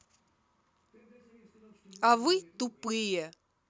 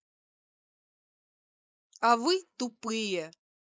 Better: first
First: none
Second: noise reduction (neural mask model Resemble Enhance denoiser)

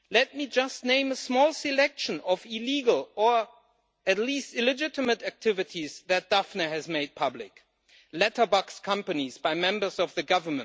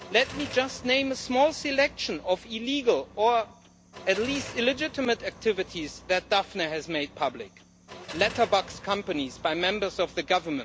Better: first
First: none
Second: background sound (Car); 17 dB below the speech

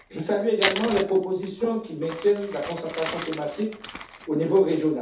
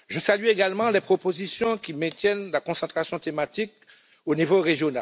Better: second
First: background sound (Crumpling, crinkling); 11 dB below the speech // room echo; dies away in 0.5 s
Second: none

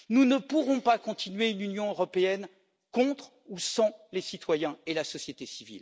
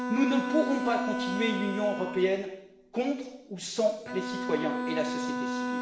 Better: first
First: none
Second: background sound (Bowed string instrument); 3 dB below the speech // room echo; dies away in 0.9 s

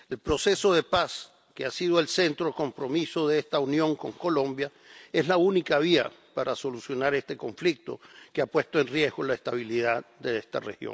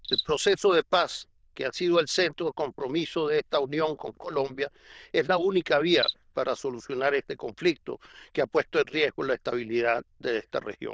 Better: first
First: none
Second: noise reduction (neural diffusion model UNIVERSE++)

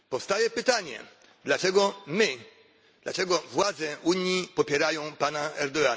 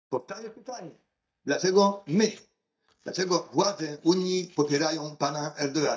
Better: first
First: none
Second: noise reduction (neural mask model DeepFilterNet 3)

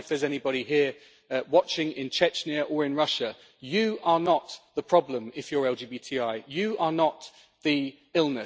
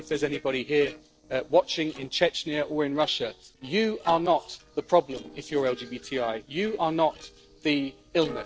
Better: first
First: none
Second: noise reduction (neural separator model SepFormer DNS4)

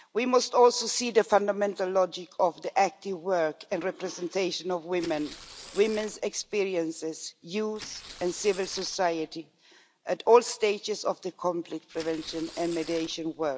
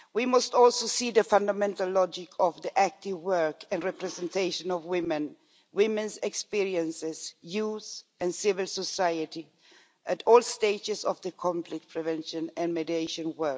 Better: second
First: background sound (Tearing); 18 dB below the speech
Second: none

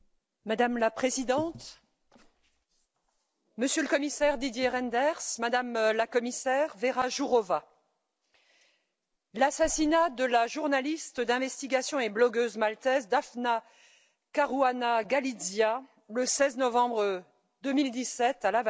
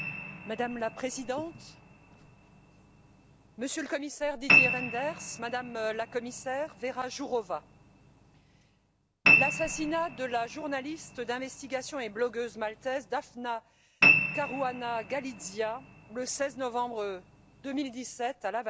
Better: first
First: none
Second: background sound (Piano); 2 dB above the speech

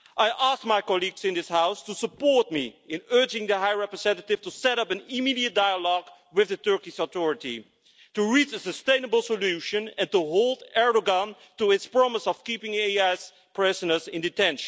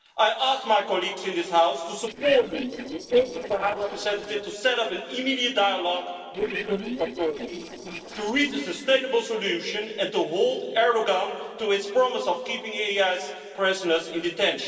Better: first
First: none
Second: noise reduction (neural separator model SepFormer DNS4)

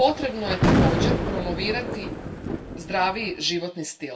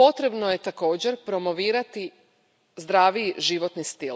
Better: second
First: background sound (Thunder); 2 dB above the speech // room echo; dies away in 0.2 s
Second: none

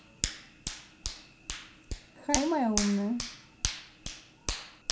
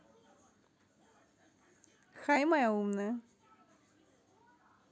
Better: second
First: background sound (Hands); 3 dB below the speech // room echo; dies away in 0.3 s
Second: none

